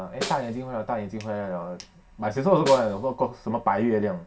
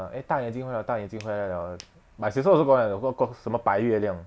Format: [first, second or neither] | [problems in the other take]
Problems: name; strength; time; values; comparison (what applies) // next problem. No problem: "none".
second | background sound (Snare drum); 12 dB below the speech // room echo; dies away in 0.2 s